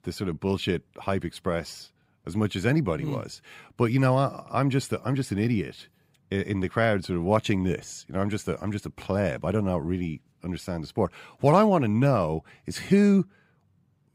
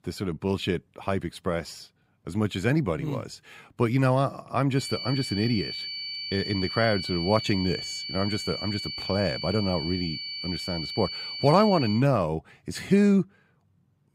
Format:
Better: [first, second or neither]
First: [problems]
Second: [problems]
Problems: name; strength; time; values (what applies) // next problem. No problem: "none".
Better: first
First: none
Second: high-pitched whine; loud; from 5 to 12 s; 4.5 kHz, 6 dB below the speech